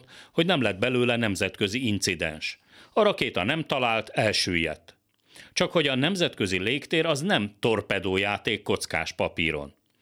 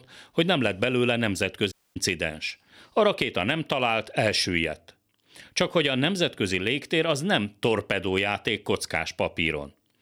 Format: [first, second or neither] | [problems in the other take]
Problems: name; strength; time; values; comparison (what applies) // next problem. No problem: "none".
first | audio cutting out; at 1.5 s